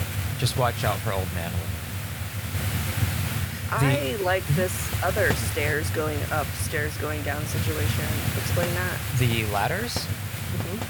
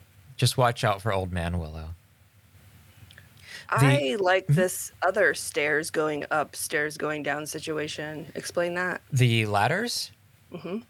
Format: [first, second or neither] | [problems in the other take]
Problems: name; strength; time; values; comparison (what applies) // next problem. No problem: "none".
second | hiss; loud; throughout; 1 dB below the speech; faint in the second